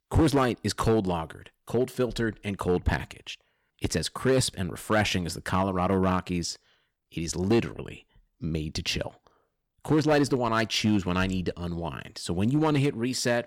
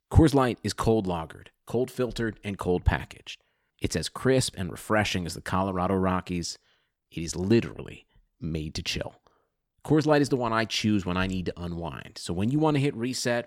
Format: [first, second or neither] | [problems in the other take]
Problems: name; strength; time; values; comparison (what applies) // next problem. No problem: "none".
second | distortion; slight; 3% of the sound clipped